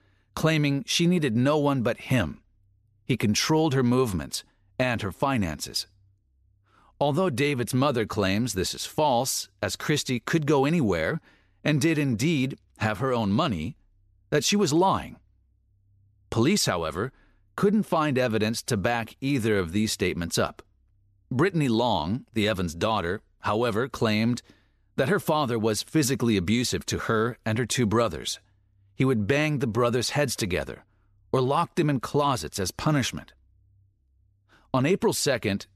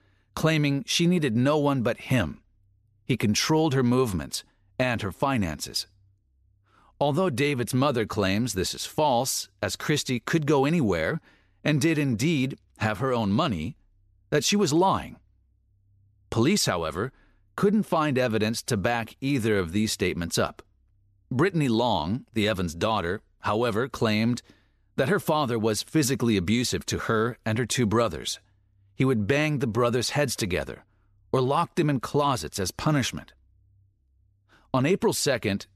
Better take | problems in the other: neither | none

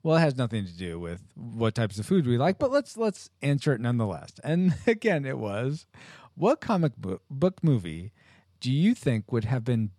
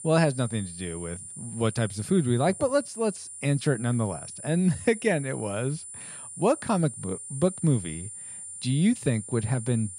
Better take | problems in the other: first | high-pitched whine; noticeable; throughout; 9.5 kHz, 10 dB below the speech

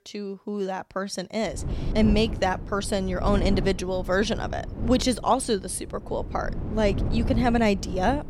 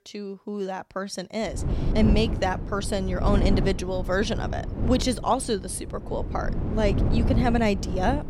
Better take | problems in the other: first | wind noise on the microphone; heavy; from 1.5 s on; 8 dB below the speech; occasional gusts in the first

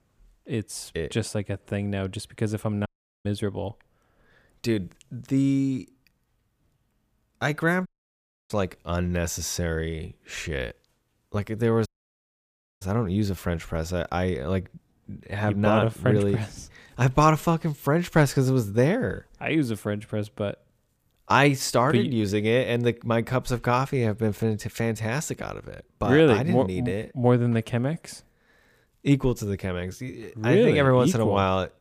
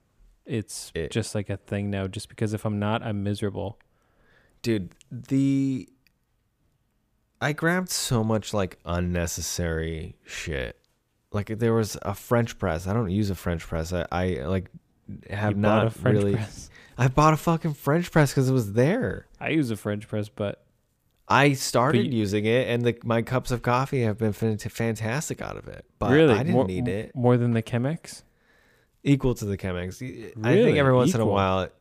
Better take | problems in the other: second | audio cutting out; at 3 s, at 8 s for 0.5 s and at 12 s for 1 s

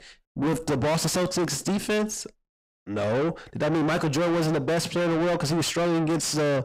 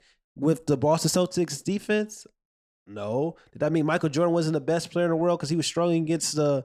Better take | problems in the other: second | distortion; heavy; 5 dB below the speech

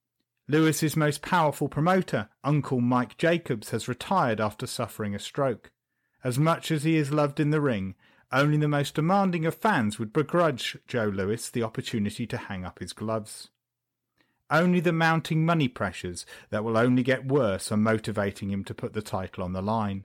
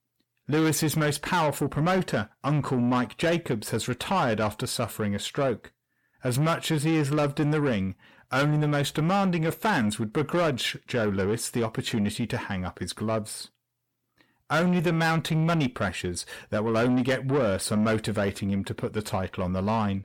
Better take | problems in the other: first | distortion; slight; 10 dB below the speech

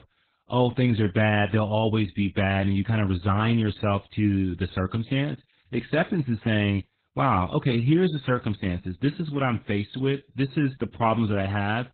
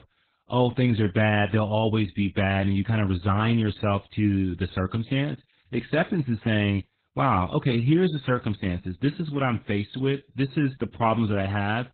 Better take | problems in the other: neither | garbled, watery; badly; nothing above 4 kHz; the same in both

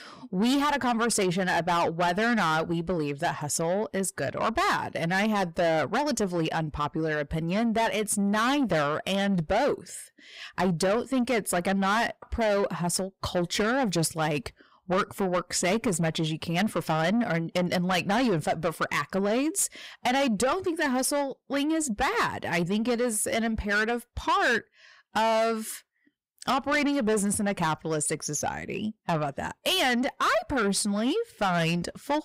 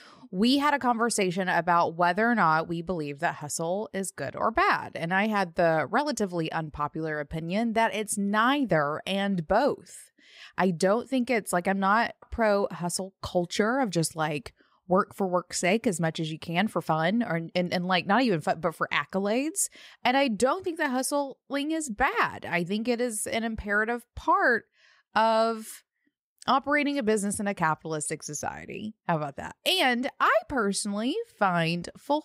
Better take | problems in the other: second | distortion; heavy; 8 dB below the speech

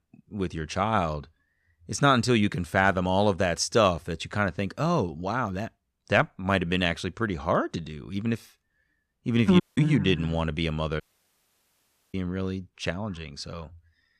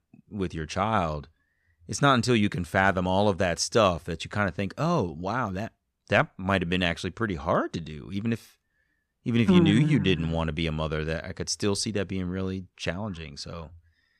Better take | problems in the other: second | audio cutting out; at 9.5 s and at 11 s for 1 s

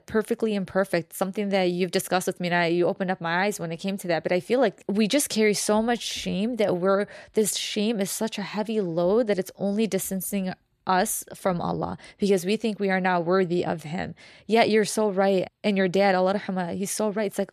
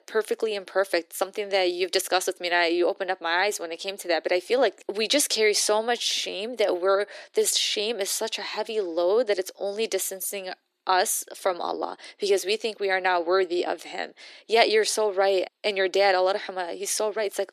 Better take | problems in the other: first | thin; very; fading below 300 Hz

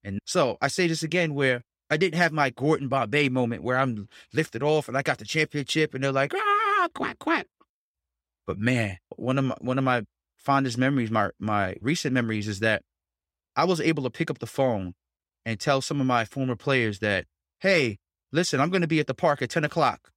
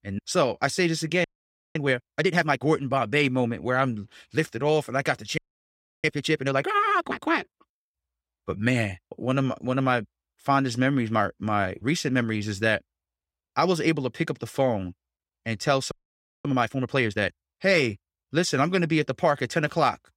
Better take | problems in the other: first | audio freezing; at 1 s for 0.5 s, at 5.5 s for 0.5 s and at 16 s for 0.5 s

